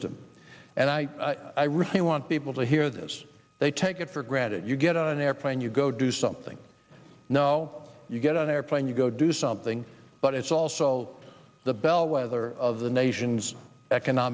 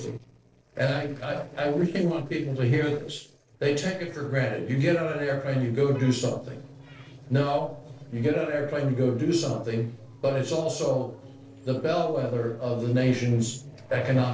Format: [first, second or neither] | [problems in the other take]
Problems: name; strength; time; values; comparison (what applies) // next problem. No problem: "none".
first | noise reduction (neural separator model SepFormer DNS4)